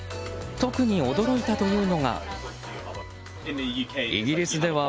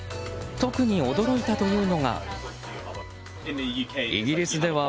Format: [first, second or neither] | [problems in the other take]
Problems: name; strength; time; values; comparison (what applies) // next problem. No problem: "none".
first | background sound (Bass guitar); 18 dB below the speech